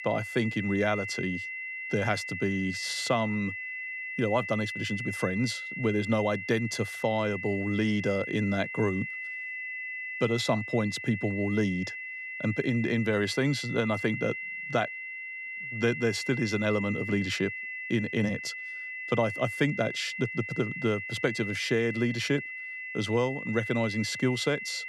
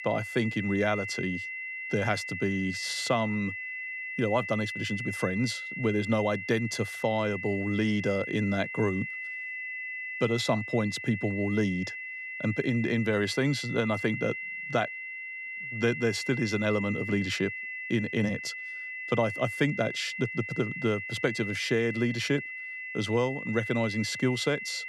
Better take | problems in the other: neither | high-pitched whine; loud; throughout; 2 kHz, 6 dB below the speech; the same in both

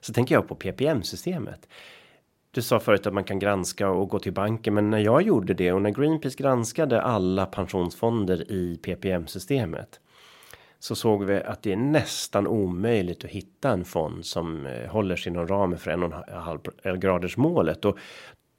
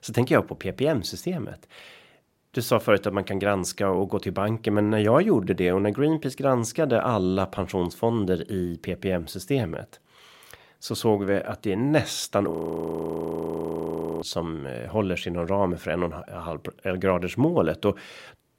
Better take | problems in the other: first | audio freezing; at 13 s for 1.5 s

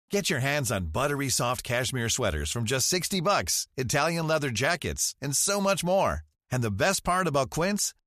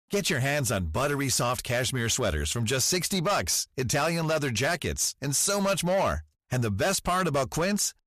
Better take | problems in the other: first | distortion; slight; 9% of the sound clipped

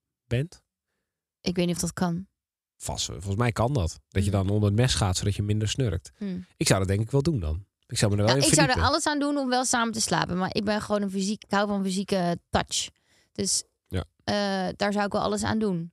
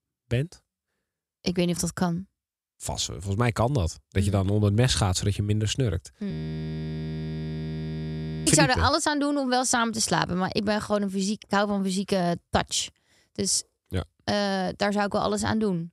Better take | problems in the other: first | audio freezing; at 6.5 s for 2 s

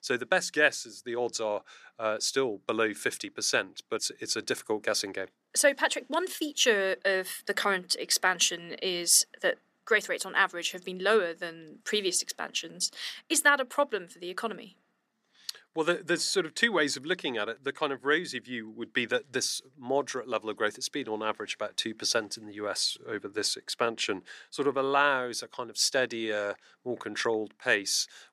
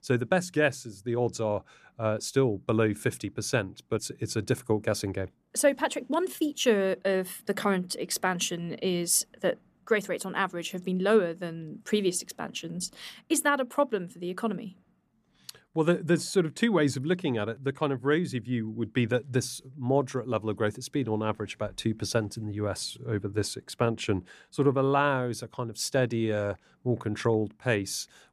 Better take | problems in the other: second | thin; somewhat; fading below 350 Hz

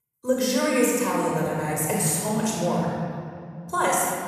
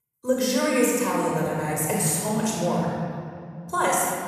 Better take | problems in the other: neither | room echo; strong; dies away in 2.9 s; the same in both // off-mic speech; far; the same in both

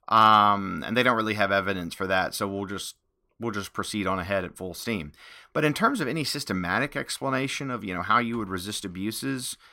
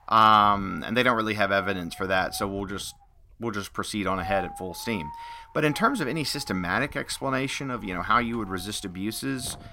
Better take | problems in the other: first | wind noise on the microphone; occasional gusts; 15 dB below the speech

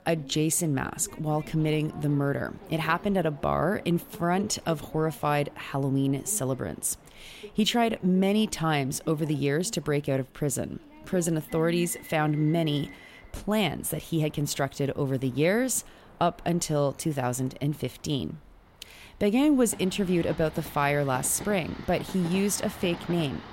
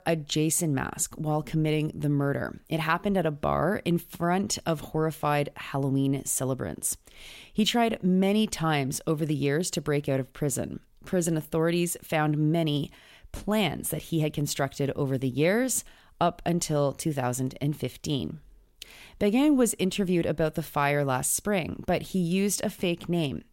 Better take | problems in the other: second | train or aircraft noise; noticeable; throughout; 20 dB below the speech

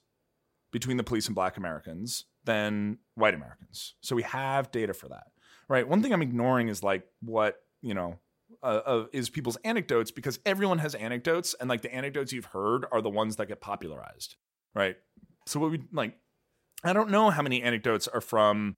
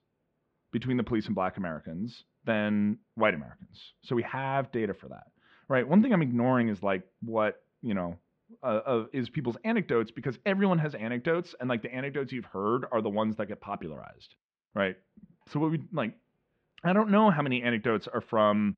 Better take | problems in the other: first | muffled; very; fading above 3 kHz

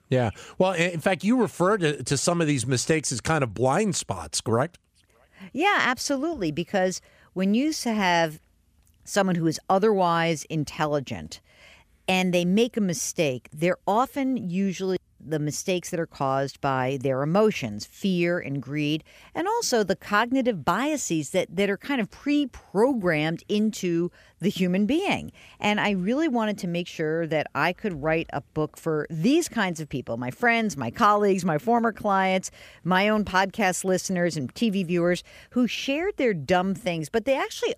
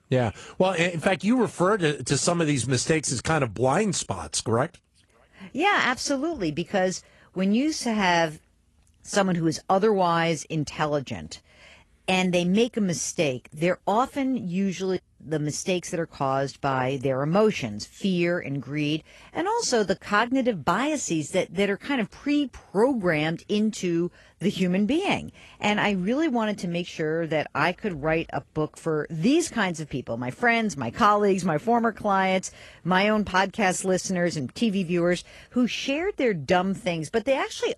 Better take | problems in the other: first | garbled, watery; slightly

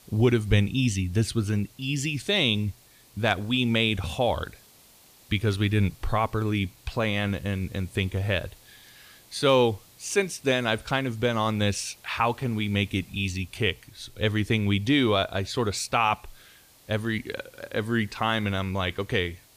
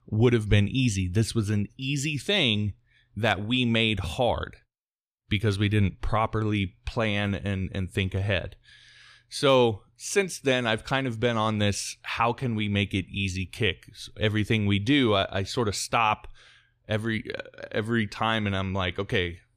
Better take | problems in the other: second | hiss; faint; throughout; 25 dB below the speech

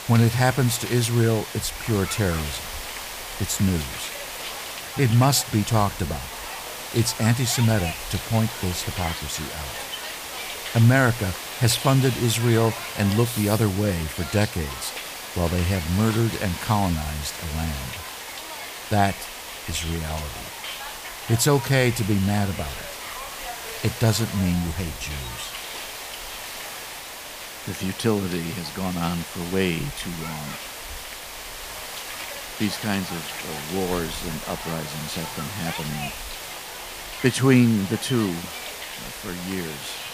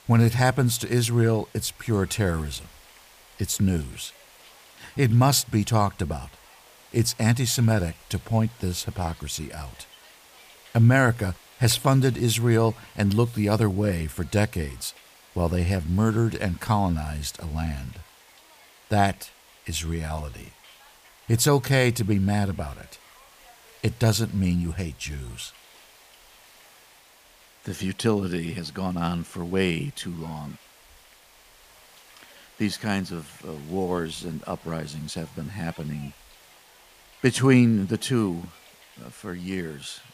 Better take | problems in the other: second | hiss; loud; throughout; 8 dB below the speech; faint in the second

